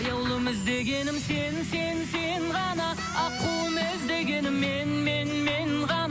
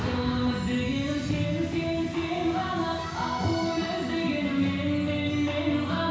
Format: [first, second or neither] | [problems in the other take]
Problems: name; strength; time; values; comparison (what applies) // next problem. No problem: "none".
first | room echo; dies away in 1.1 s